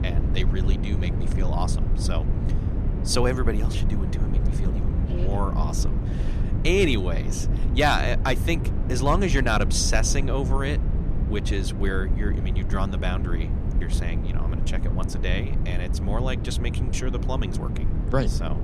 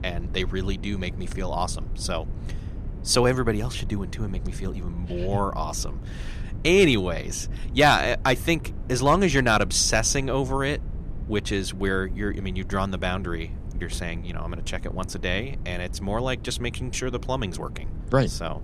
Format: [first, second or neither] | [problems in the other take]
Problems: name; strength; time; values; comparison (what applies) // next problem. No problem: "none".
second | low rumble; loud; throughout; 10 dB below the speech; faint in the second